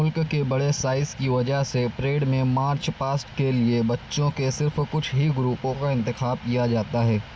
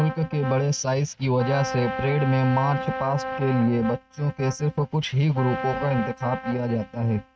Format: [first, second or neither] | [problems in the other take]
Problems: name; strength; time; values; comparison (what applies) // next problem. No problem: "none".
first | noise reduction (neural mask model RNNoise)